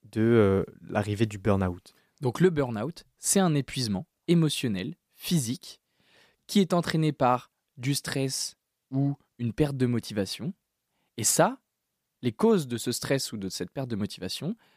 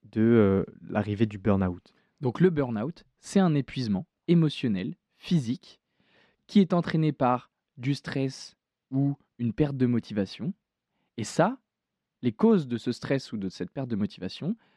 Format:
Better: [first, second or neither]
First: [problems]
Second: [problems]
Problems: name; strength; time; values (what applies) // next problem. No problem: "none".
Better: first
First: none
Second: muffled; slightly; fading above 3.5 kHz